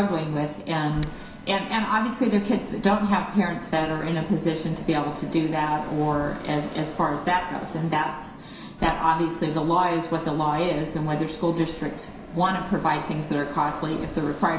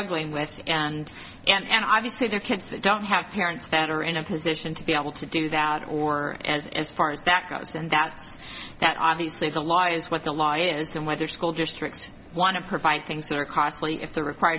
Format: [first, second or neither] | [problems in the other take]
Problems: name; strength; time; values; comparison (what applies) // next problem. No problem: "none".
second | background sound (Fixed-wing aircraft, airplane); 16 dB below the speech // room echo; dies away in 0.7 s